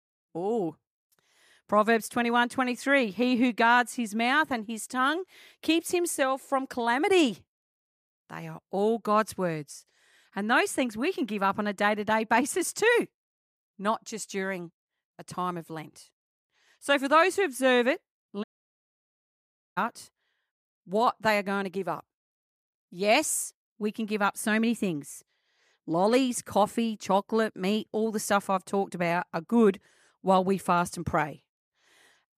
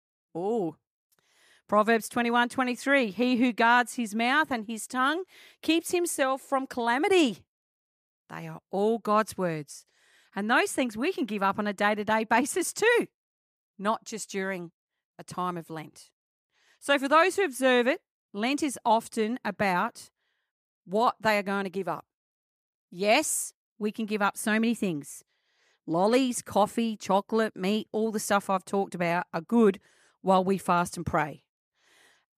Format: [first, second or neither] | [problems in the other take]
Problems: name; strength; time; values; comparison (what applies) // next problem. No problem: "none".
second | audio cutting out; at 18 s for 1.5 s